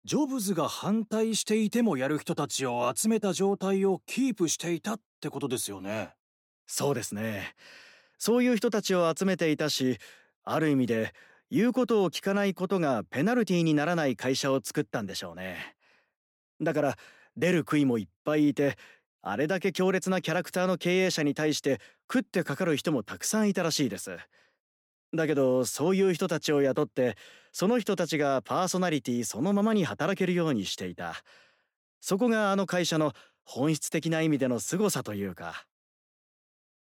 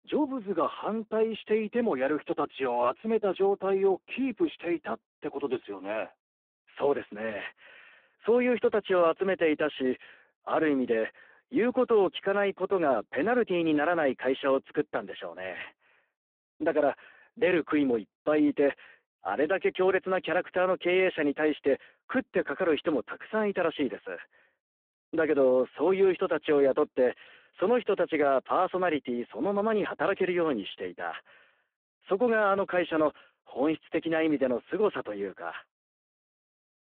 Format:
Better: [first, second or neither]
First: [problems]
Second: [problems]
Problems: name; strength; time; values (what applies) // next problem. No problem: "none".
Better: first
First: none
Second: phone-call audio; poor line